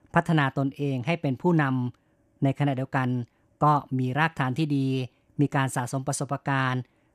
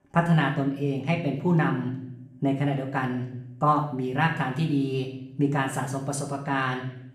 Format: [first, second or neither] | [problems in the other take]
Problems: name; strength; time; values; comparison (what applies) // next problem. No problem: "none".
first | room echo; slight; dies away in 0.6 s // off-mic speech; somewhat distant